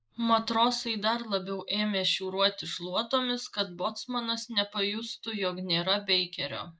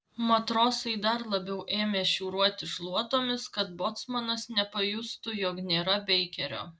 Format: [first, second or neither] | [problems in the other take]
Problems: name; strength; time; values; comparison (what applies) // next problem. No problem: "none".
second | noise reduction (neural mask model Resemble Enhance denoiser)